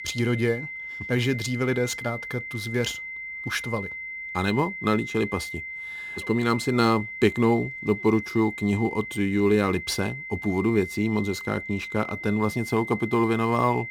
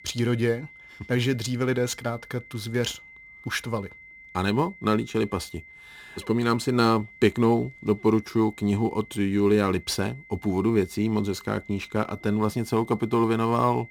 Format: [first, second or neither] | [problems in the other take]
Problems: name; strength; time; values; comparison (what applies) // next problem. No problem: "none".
second | high-pitched whine; loud; throughout; 2 kHz, 8 dB below the speech; faint in the second